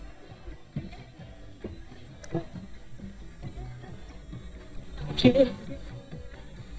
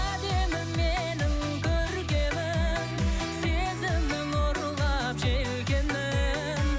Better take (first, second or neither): second